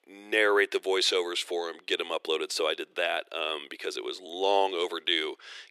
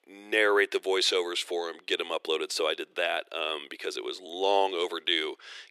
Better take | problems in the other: neither | thin; very; fading below 350 Hz; the same in both

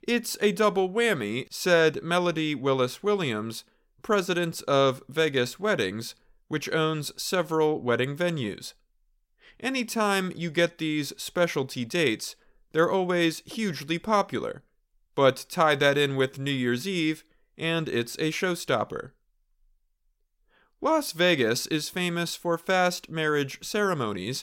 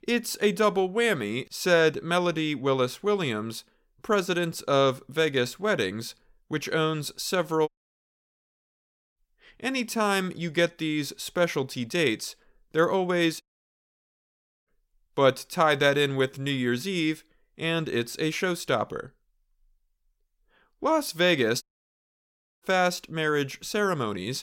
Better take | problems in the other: first | audio cutting out; at 7.5 s for 1.5 s, at 13 s for 1 s and at 22 s for 1 s

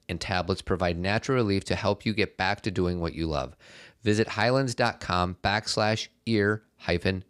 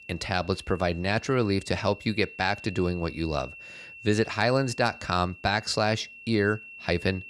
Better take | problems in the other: first | high-pitched whine; noticeable; throughout; 2.5 kHz, 15 dB below the speech

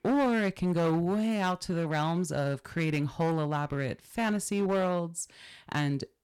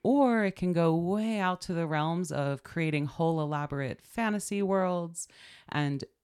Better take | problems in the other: second | distortion; slight; 10% of the sound clipped

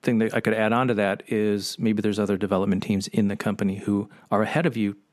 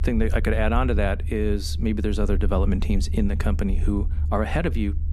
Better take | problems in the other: first | low rumble; noticeable; throughout; 15 dB below the speech

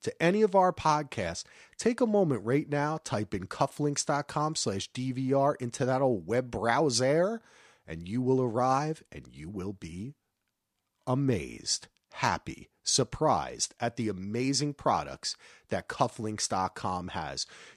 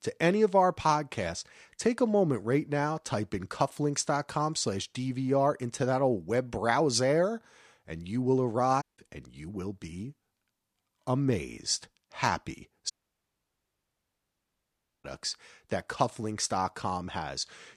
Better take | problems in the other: first | audio cutting out; at 9 s and at 13 s for 2 s

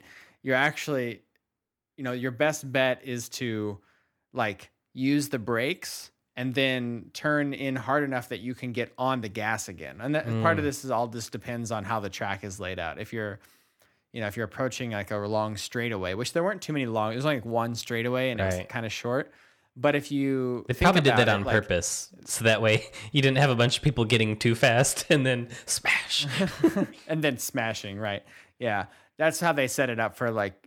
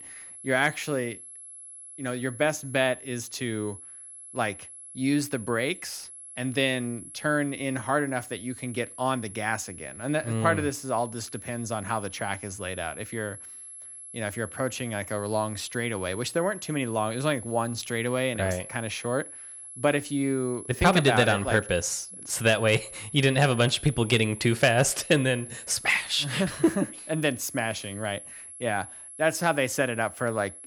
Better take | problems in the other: first | high-pitched whine; noticeable; throughout; 11 kHz, 15 dB below the speech

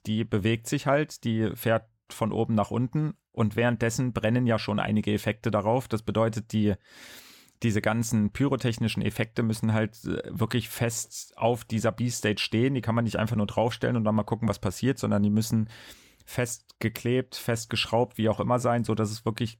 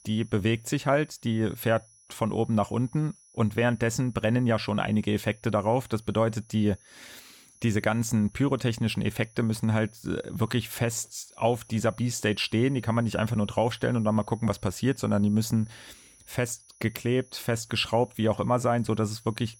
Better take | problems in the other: first | high-pitched whine; faint; throughout; 10.5 kHz, 25 dB below the speech

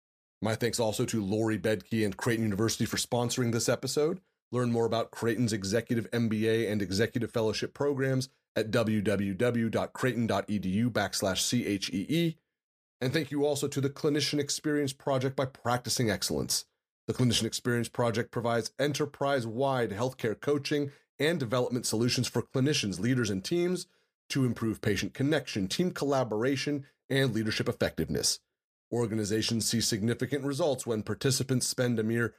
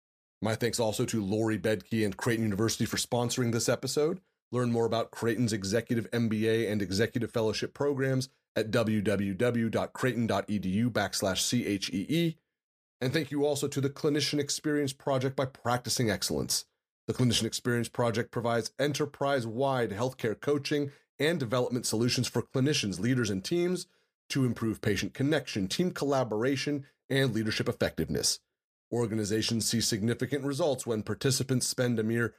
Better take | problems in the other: neither | none

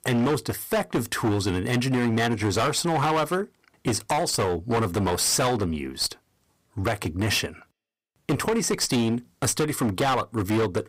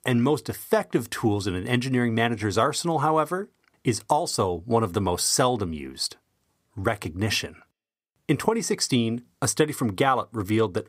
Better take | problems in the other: second | distortion; heavy; 18% of the sound clipped

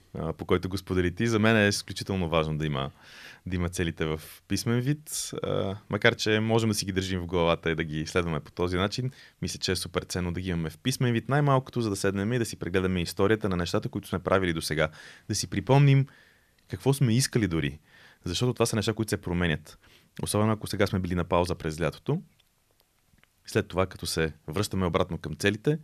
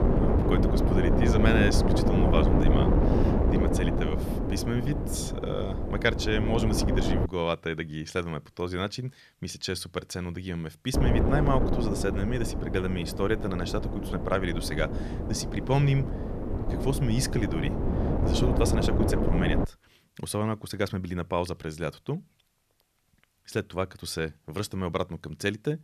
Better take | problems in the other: first | wind noise on the microphone; heavy; until 7.5 s and from 11 to 20 s; 1 dB below the speech

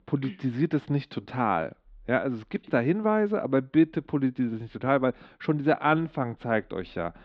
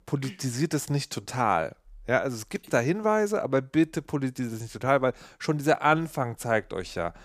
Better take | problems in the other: second | muffled; very; fading above 3.5 kHz

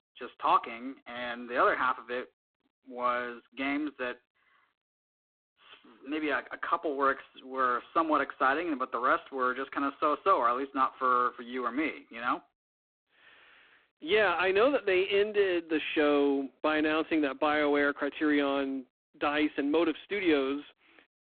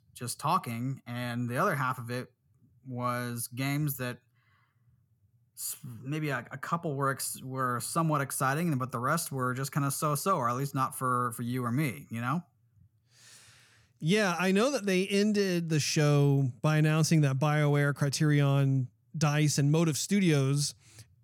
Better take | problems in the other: second | phone-call audio; poor line; nothing above 3.5 kHz

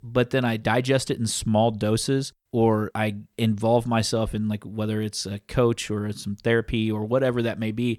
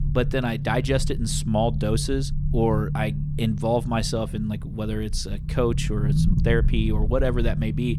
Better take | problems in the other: first | low rumble; noticeable; throughout; 10 dB below the speech

